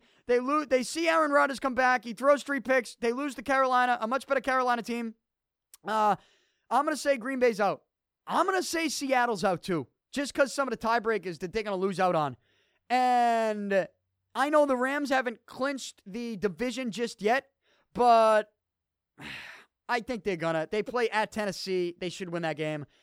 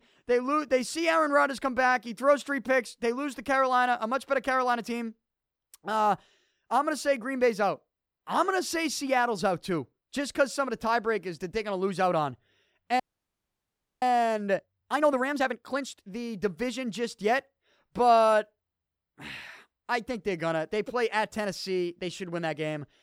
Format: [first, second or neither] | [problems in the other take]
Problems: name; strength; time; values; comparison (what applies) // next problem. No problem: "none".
first | audio freezing; at 13 s for 1 s